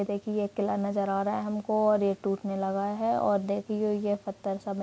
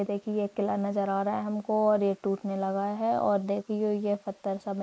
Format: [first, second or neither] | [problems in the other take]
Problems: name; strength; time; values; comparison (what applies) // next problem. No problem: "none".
first | noise reduction (neural mask model Resemble Enhance denoiser)